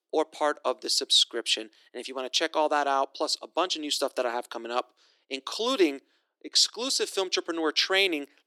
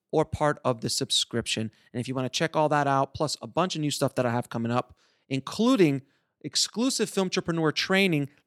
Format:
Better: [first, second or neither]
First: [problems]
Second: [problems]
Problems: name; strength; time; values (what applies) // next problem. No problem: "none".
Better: second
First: thin; somewhat; fading below 300 Hz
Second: none